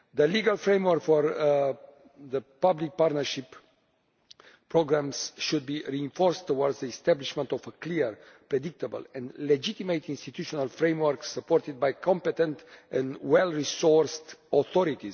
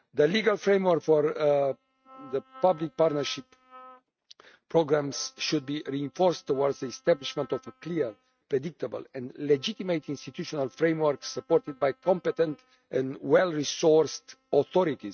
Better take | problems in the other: first | noise reduction (neural mask model RNNoise)

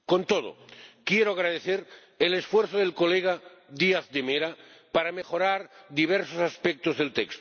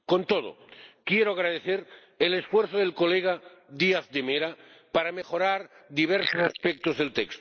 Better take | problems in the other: first | noise reduction (neural mask model Resemble Enhance denoiser)

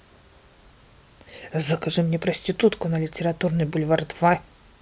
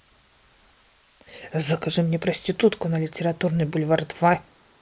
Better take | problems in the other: first | noise reduction (neural mask model Resemble Enhance denoiser)

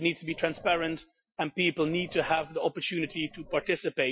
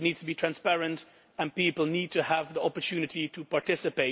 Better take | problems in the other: second | noise reduction (classical method Wiener filter)

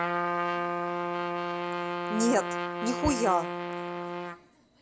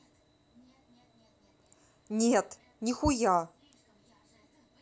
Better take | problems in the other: second | background sound (Trumpet); 1 dB above the speech

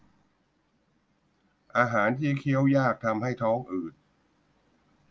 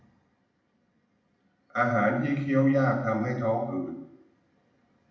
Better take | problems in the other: first | room echo; dies away in 0.8 s

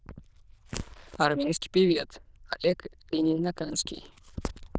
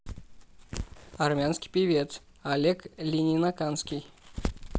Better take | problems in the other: second | noise reduction (neural diffusion model UNIVERSE++)

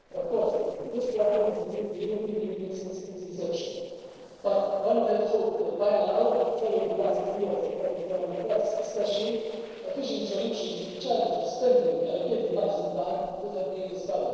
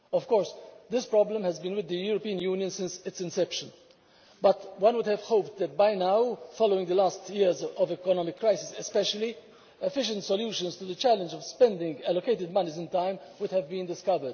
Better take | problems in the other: second | noise reduction (neural separator model SepFormer DNS4)

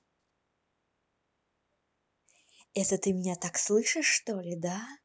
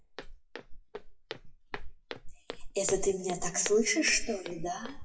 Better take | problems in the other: first | noise reduction (classical method WPE with log-MMSE)

